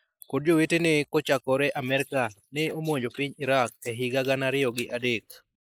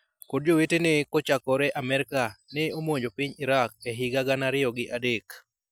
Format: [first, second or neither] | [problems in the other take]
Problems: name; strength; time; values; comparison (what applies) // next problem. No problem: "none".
second | noise reduction (neural mask model Resemble Enhance denoiser)